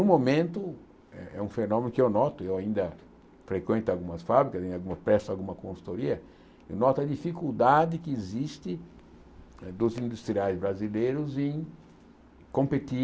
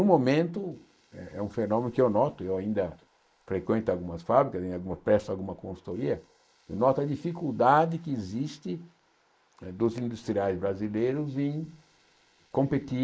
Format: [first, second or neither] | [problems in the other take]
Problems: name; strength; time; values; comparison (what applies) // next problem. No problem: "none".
first | noise reduction (neural mask model Resemble Enhance denoiser)